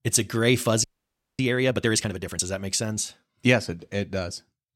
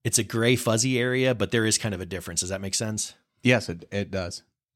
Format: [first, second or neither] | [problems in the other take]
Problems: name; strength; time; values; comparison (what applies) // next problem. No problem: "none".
second | audio freezing; at 1 s for 0.5 s